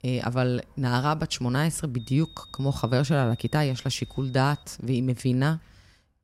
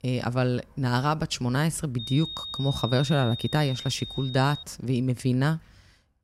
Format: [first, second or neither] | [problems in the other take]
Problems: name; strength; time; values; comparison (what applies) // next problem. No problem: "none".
first | high-pitched whine; loud; from 2 to 4.5 s; 3.5 kHz, 8 dB below the speech; faint in the first